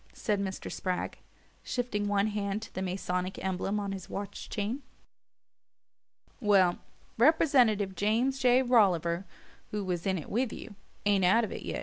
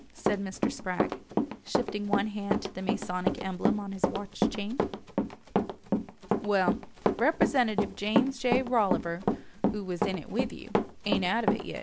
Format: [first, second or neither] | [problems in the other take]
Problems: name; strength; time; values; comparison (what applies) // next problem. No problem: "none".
first | background sound (Run); 1 dB above the speech